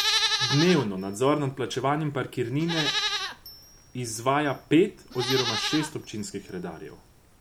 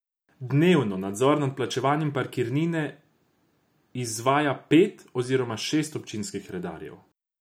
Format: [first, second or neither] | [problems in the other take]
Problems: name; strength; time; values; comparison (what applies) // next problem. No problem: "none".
second | background sound (Livestock, farm animals, working animals); 5 dB below the speech